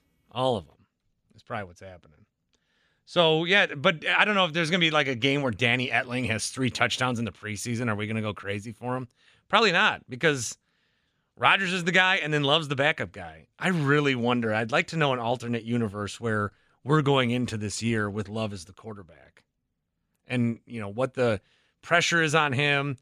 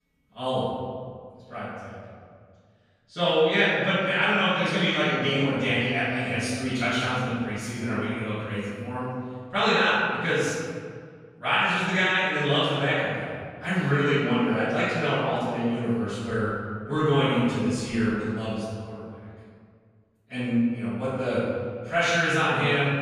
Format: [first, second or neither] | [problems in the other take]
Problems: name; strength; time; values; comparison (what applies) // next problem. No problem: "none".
first | room echo; strong; dies away in 1.8 s // off-mic speech; far